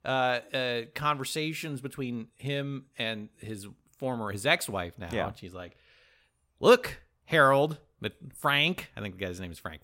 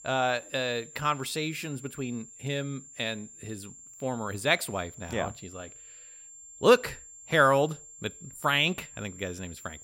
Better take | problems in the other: first | high-pitched whine; noticeable; throughout; 7.5 kHz, 20 dB below the speech

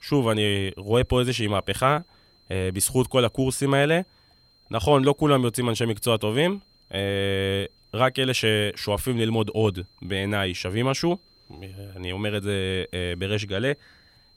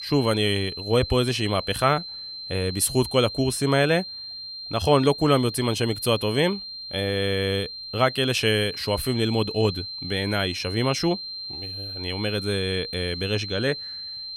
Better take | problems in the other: first | high-pitched whine; loud; throughout; 4 kHz, 9 dB below the speech; faint in the first

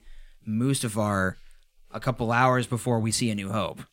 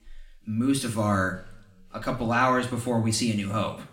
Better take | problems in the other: first | room echo; slight; dies away in 0.5 s // off-mic speech; somewhat distant

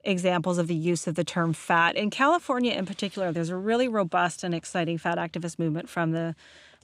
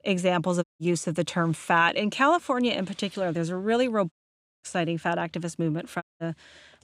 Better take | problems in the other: first | audio cutting out; at 0.5 s, at 4 s for 0.5 s and at 6 s

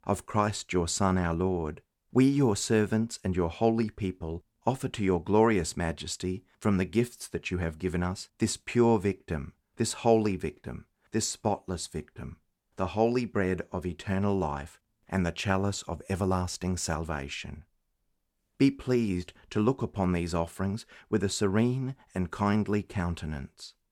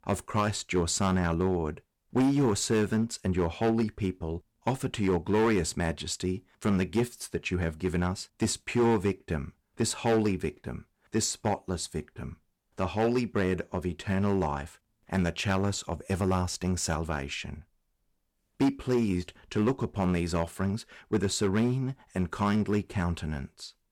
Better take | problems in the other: first | distortion; slight; 5% of the sound clipped

